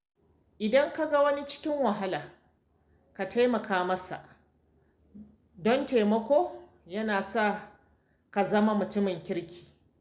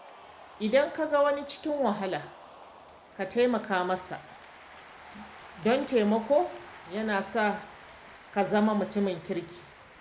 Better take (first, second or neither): first